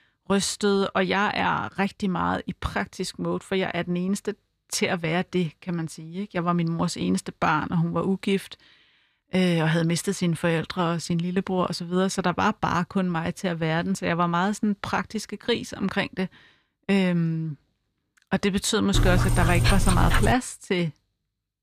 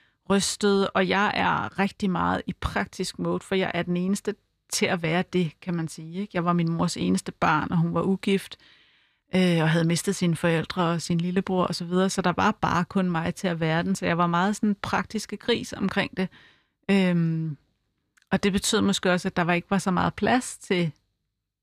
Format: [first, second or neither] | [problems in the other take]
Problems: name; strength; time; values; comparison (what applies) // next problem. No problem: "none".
second | dog barking; loud; from 19 to 20 s; peak 3 dB above the speech